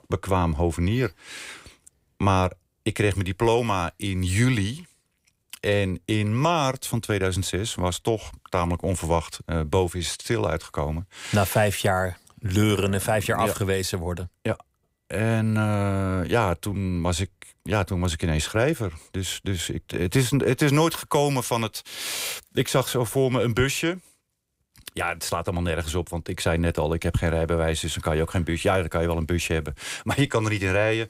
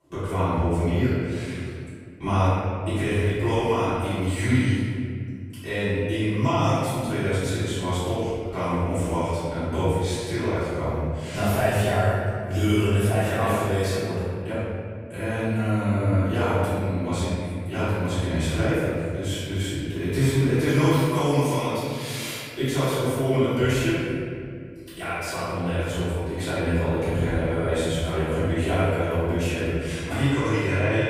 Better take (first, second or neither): first